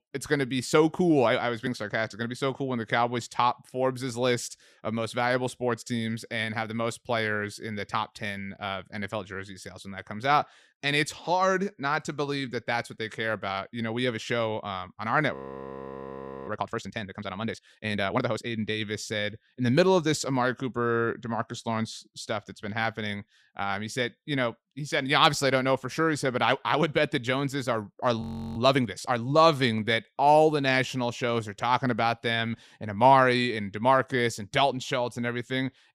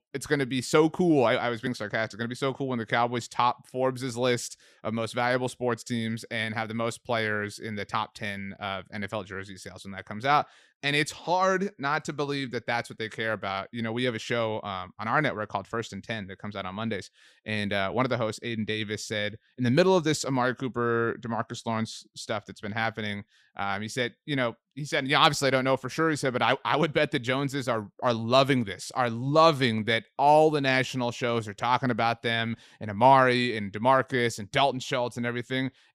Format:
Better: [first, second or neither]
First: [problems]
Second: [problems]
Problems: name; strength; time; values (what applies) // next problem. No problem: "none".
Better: second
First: audio freezing; at 15 s for 1 s and at 28 s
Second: none